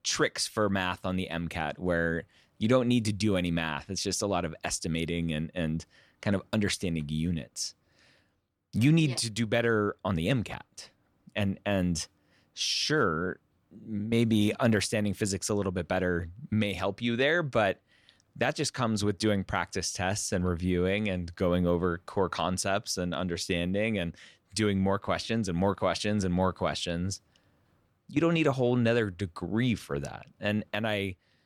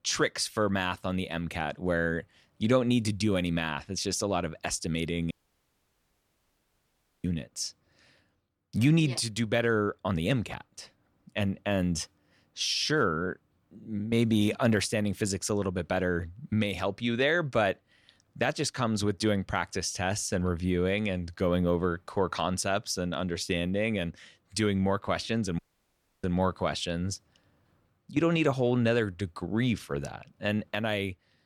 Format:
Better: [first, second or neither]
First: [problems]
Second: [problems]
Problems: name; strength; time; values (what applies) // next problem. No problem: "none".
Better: first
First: none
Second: audio cutting out; at 5.5 s for 2 s and at 26 s for 0.5 s